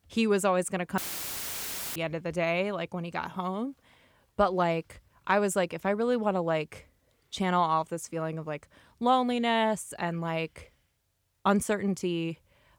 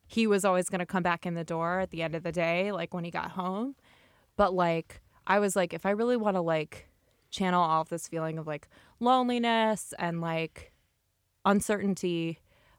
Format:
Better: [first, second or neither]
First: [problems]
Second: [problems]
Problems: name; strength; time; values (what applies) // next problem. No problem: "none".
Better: second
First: audio cutting out; filled with static; at 1 s for 1 s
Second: none